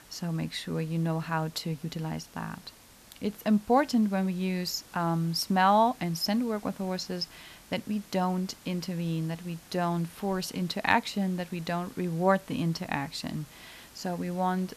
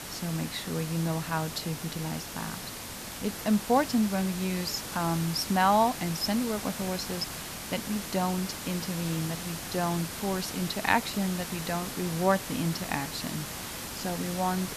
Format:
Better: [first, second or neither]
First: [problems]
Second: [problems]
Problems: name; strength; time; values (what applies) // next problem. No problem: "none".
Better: first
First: hiss; faint; throughout; 20 dB below the speech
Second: hiss; loud; throughout; 6 dB below the speech